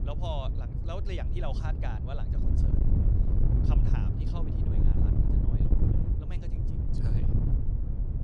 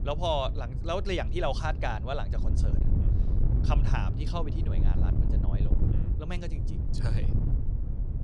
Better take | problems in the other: second | wind noise on the microphone; heavy; as loud as the speech; occasional gusts in the second

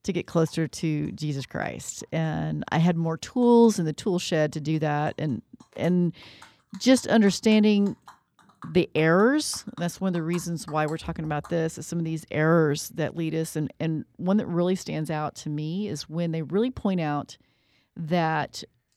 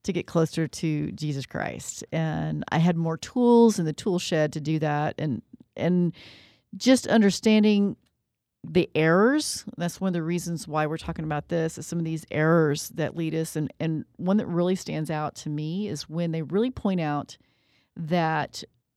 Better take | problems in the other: second | animal sounds; faint; throughout; 25 dB below the speech

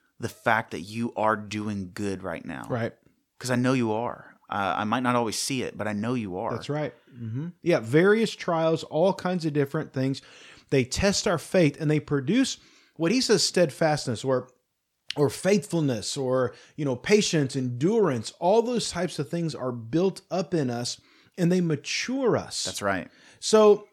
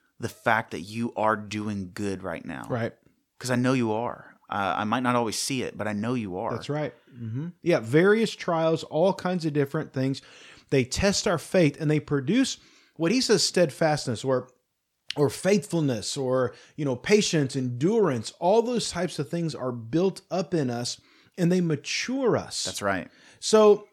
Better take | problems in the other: neither | none

